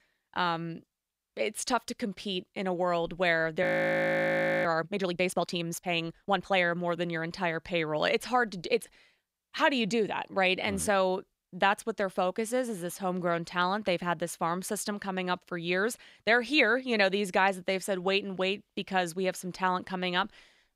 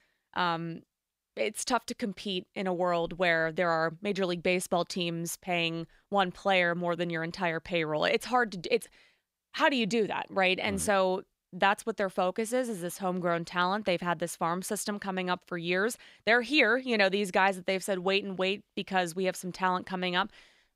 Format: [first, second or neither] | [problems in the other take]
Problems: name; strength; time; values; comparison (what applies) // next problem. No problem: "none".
second | audio freezing; at 3.5 s for 1 s